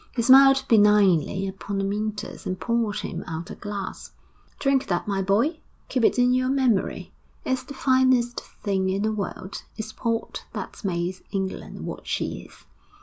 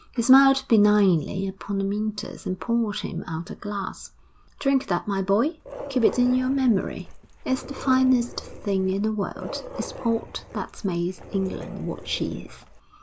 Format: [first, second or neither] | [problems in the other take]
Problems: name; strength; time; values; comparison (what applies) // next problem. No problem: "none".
first | background sound (Dog); 14 dB below the speech